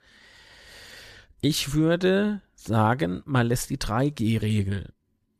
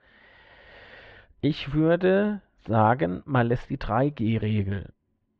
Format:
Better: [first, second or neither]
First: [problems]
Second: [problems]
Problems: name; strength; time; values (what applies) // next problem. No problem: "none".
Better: first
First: none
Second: muffled; very; fading above 3 kHz